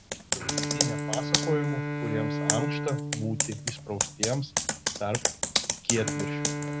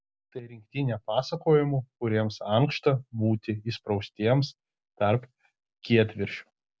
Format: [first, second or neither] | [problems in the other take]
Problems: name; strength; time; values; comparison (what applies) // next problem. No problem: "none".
second | background sound (Bowed string instrument + Computer keyboard); 4 dB above the speech